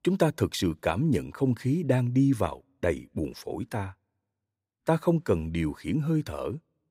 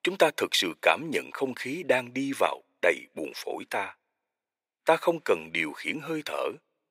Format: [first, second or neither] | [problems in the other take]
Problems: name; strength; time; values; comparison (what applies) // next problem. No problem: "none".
first | thin; very; fading below 550 Hz